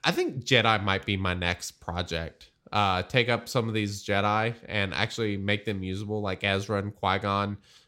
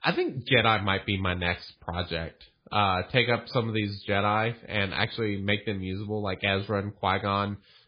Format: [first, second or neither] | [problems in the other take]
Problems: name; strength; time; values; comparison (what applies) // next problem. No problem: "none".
first | garbled, watery; badly